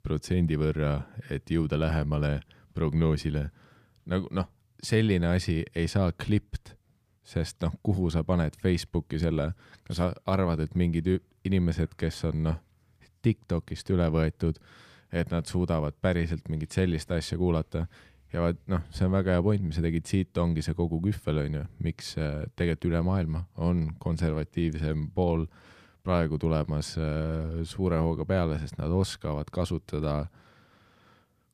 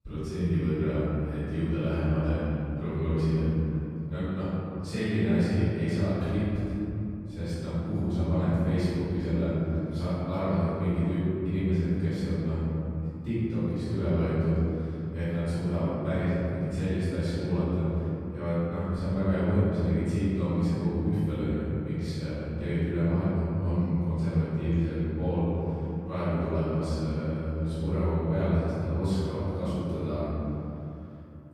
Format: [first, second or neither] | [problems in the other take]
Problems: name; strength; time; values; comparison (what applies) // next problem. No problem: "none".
first | room echo; strong; dies away in 3 s // off-mic speech; far